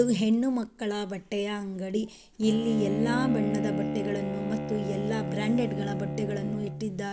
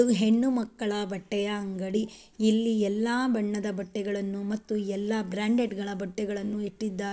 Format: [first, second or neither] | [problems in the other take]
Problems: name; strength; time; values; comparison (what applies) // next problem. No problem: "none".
second | background sound (Bowed string instrument); 5 dB below the speech